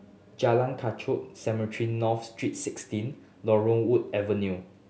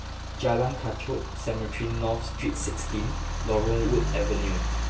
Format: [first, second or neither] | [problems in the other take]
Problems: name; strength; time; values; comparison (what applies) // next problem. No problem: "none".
first | background sound (Idling / Engine starting / Accelerating, revving, vroom / Car); as loud as the speech // room echo; dies away in 0.1 s